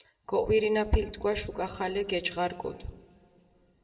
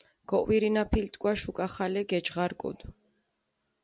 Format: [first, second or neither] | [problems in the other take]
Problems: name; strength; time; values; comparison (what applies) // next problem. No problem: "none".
second | room echo; dies away in 1.4 s